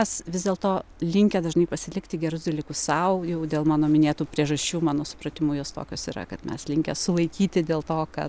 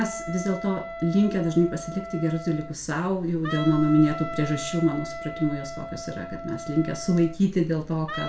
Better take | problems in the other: first | background sound (Wind instrument, woodwind instrument); 11 dB below the speech // room echo; dies away in 0.3 s

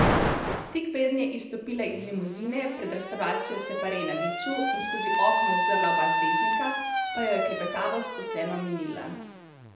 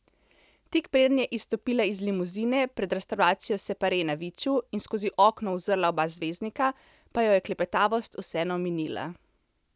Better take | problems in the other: second | background sound (Alarm); 2 dB above the speech // room echo; dies away in 0.8 s

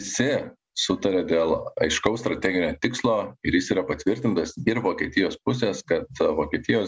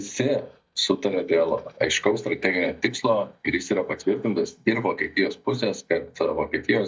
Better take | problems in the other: first | noise reduction (neural mask model DeepFilterNet 3)

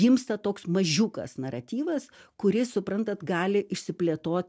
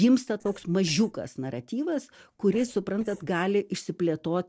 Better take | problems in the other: first | noise reduction (neural separator model SepFormer DNS4)

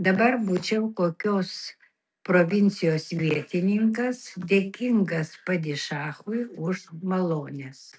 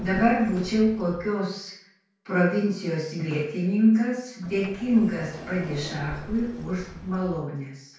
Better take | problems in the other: first | background sound (Sliding door); 18 dB below the speech // room echo; dies away in 0.5 s

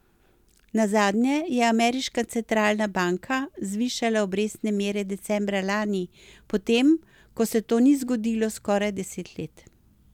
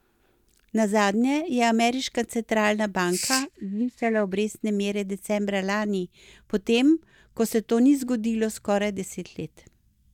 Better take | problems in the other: first | noise reduction (neural mask model DeepFilterNet 3)

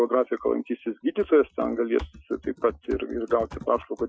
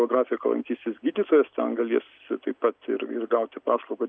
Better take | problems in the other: second | noise reduction (classical method Wiener filter)

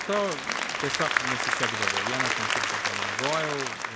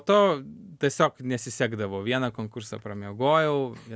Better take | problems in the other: second | background sound (Applause / Crowd); 5 dB above the speech

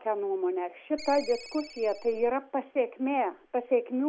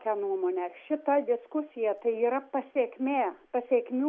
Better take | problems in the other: second | background sound (Ringtone); 15 dB below the speech

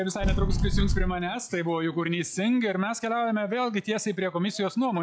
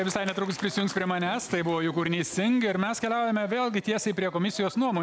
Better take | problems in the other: second | noise reduction (classical method log-MMSE)

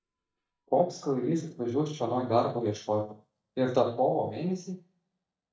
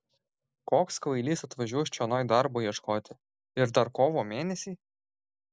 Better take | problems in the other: second | noise reduction (neural mask model DeepFilterNet 3)

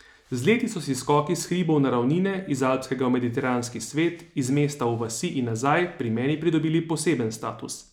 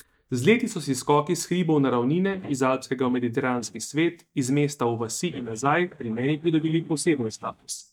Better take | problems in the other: first | noise reduction (neural mask model DeepFilterNet 3)

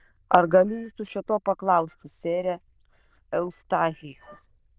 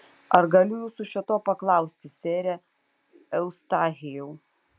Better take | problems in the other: second | noise reduction (neural diffusion model UNIVERSE++)

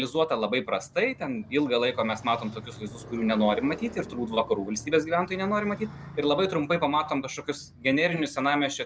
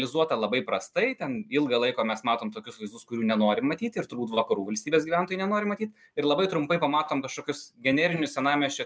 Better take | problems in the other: second | background sound (Motorcycle); 18 dB below the speech

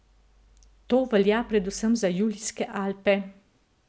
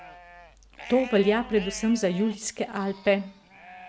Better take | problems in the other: first | background sound (Livestock, farm animals, working animals); 17 dB below the speech

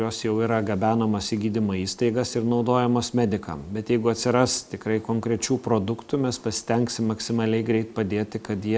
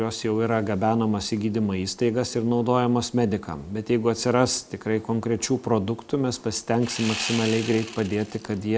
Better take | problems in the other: first | background sound (Sawing); 10 dB below the speech

